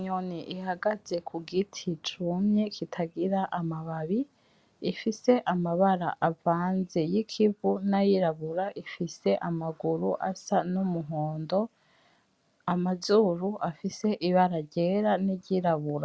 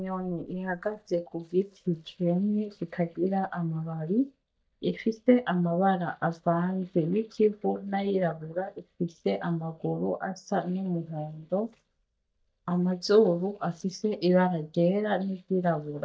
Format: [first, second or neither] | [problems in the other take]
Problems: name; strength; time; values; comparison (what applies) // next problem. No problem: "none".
first | noise reduction (neural mask model DeepFilterNet 3)